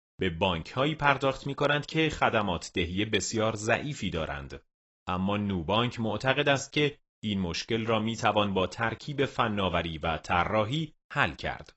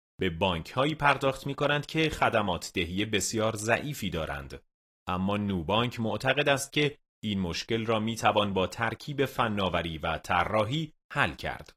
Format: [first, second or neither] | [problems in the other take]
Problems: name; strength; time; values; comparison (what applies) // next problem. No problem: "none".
second | garbled, watery; badly; nothing above 7.5 kHz; slightly in the second